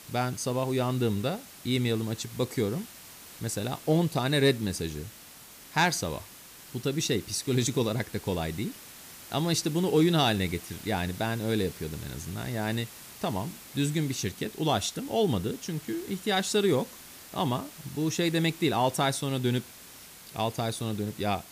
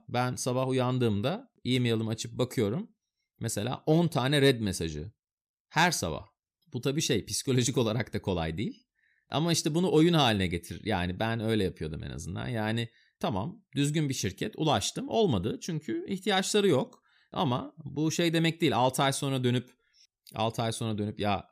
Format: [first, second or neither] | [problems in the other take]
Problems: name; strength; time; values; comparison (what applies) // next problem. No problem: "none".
second | hiss; noticeable; throughout; 15 dB below the speech